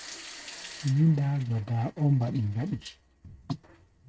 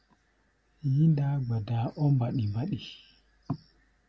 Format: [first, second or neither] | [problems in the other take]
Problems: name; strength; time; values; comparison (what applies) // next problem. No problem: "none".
second | noise reduction (neural mask model RNNoise)